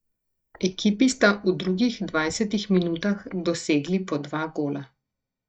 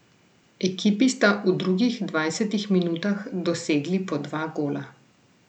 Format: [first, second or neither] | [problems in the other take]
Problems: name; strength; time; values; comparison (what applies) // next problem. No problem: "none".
second | noise reduction (neural mask model DeepFilterNet 3)